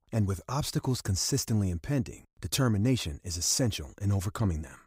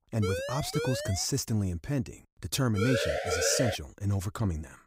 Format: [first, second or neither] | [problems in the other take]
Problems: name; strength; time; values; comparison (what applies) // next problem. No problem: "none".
first | siren; noticeable; until 1.5 s; peak 3 dB below the speech // siren; loud; from 3 to 4 s; peak 2 dB above the speech